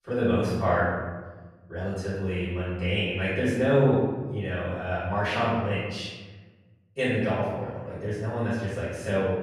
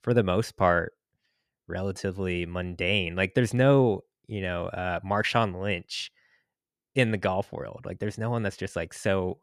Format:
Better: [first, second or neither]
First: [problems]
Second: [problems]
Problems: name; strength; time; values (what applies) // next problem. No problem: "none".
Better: second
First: off-mic speech; far // room echo; strong; dies away in 1.3 s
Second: none